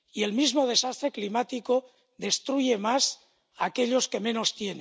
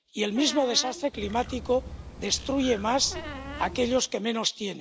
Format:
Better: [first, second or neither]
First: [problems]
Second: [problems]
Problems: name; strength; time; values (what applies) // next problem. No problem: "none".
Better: first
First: none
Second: background sound (Squeak + Bird); 12 dB below the speech